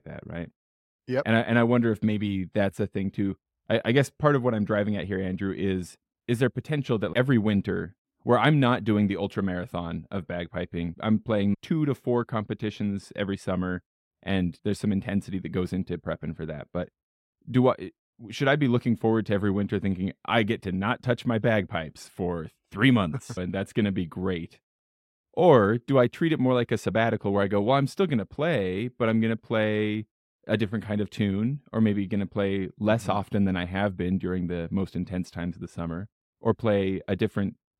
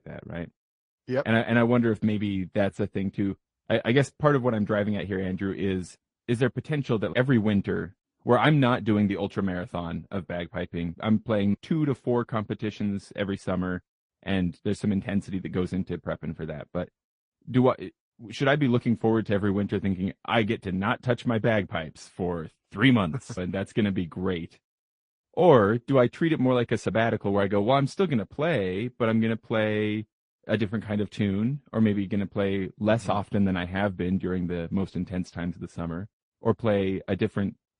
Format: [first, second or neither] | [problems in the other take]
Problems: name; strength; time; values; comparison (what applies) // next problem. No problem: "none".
first | garbled, watery; slightly; nothing above 10.5 kHz